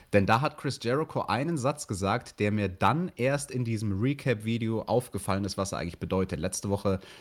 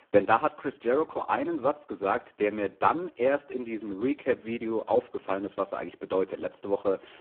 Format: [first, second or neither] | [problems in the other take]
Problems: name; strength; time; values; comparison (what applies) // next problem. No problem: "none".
first | phone-call audio; poor line; nothing above 3.5 kHz